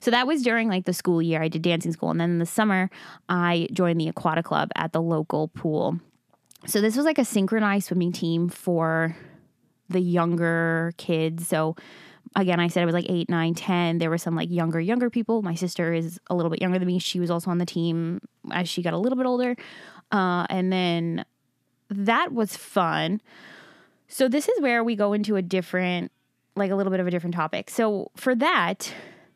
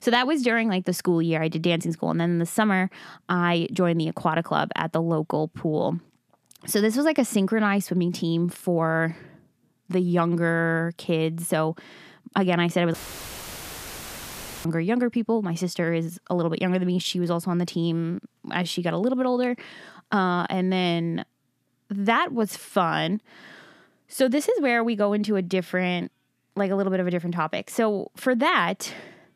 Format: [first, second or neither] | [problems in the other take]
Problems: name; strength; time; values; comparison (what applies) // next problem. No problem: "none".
first | audio cutting out; filled with static; at 13 s for 1.5 s